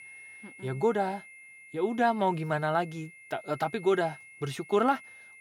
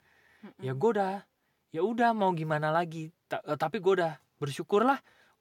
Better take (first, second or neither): second